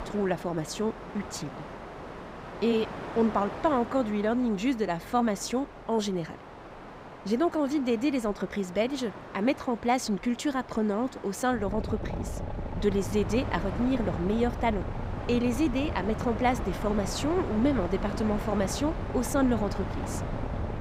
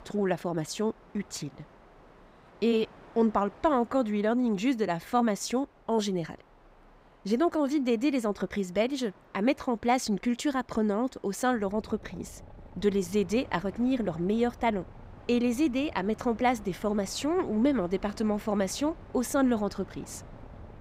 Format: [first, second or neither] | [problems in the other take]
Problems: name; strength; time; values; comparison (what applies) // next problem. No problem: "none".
second | train or aircraft noise; loud; throughout; 9 dB below the speech; faint in the second